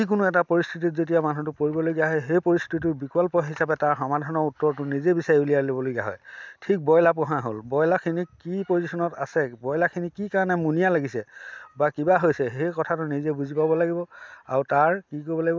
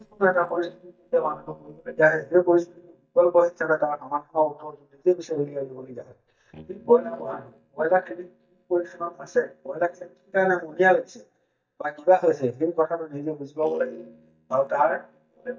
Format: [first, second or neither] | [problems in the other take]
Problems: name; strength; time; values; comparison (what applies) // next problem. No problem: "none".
first | noise reduction (neural mask model DeepFilterNet 3)